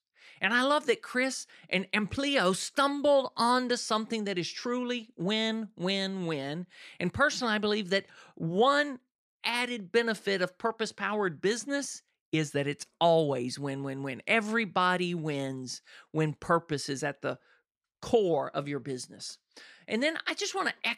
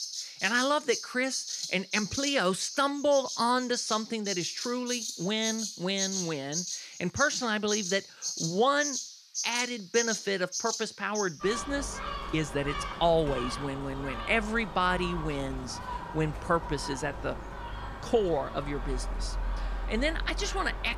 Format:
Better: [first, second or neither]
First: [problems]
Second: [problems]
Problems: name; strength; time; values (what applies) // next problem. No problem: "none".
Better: first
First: none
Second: animal sounds; loud; throughout; 6 dB below the speech